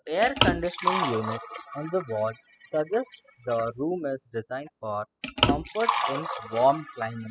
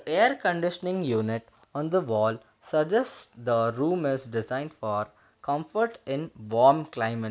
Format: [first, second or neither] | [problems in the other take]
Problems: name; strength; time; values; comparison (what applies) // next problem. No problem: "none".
second | noise reduction (classical method spectral subtraction)